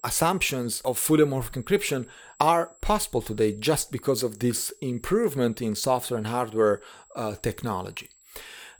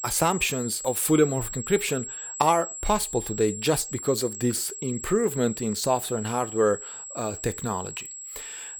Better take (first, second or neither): first